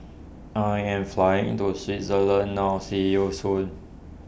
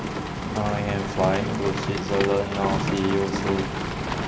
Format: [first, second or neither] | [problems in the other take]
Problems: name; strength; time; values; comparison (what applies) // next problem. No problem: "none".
first | background sound (Rain); 1 dB below the speech